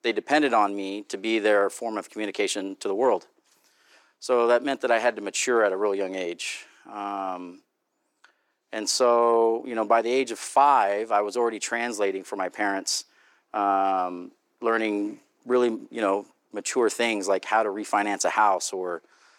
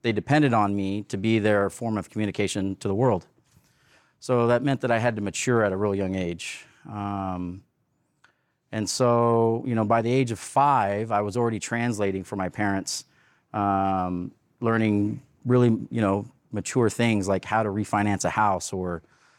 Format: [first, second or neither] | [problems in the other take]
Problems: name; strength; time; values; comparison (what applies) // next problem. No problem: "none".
second | thin; somewhat; fading below 300 Hz